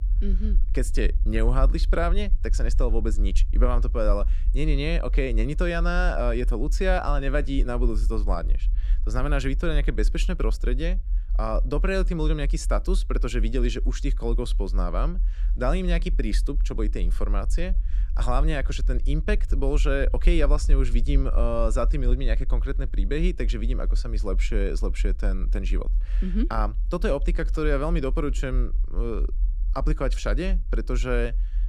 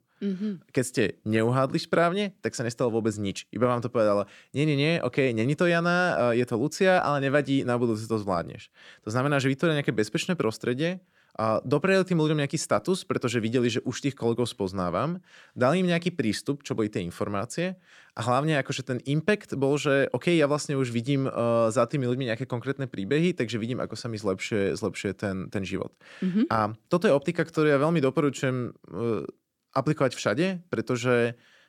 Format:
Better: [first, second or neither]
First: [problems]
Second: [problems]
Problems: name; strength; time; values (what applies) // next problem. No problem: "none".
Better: second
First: low rumble; faint; throughout; 20 dB below the speech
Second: none